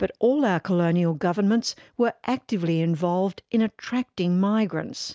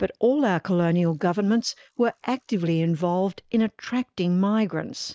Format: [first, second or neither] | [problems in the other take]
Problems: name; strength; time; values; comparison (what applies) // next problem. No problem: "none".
first | noise reduction (neural mask model Resemble Enhance denoiser)